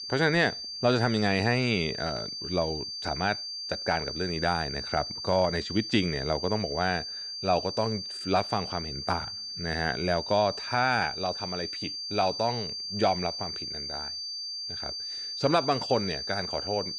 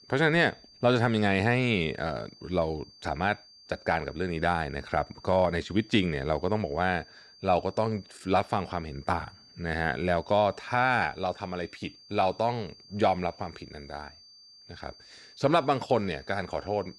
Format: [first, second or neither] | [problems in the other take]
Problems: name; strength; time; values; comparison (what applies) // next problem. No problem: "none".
second | high-pitched whine; loud; throughout; 4.5 kHz, 5 dB below the speech; faint in the second